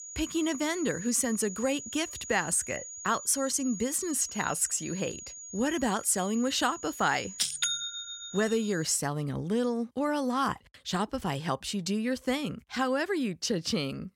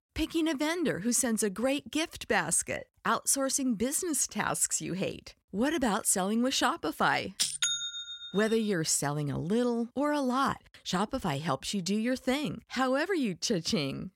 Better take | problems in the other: second | high-pitched whine; noticeable; until 9 s; 7 kHz, 10 dB below the speech

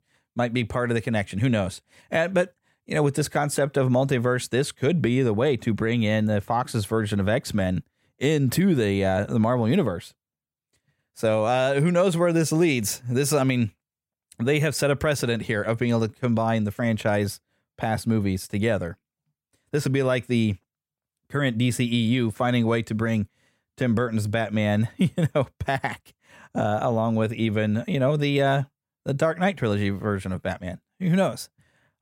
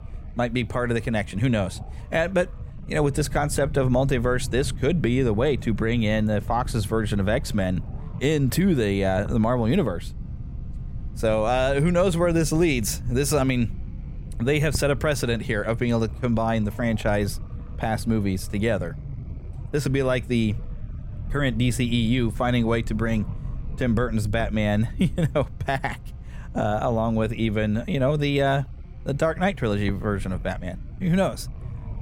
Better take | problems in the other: first | low rumble; faint; throughout; 20 dB below the speech

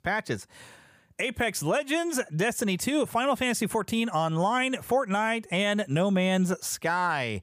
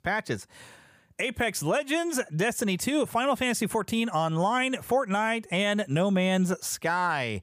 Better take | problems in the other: neither | none

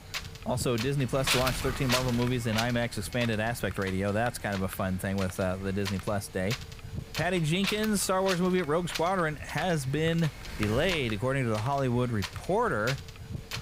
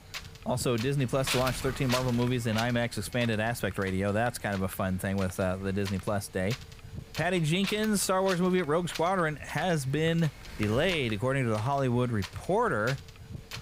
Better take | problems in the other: second | wind noise on the microphone; heavy; 6 dB below the speech; occasional gusts in the second

